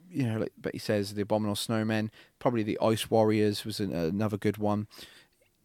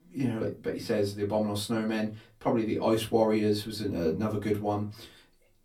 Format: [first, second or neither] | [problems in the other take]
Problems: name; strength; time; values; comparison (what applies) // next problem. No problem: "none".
first | off-mic speech; far // room echo; very slight; dies away in 0.2 s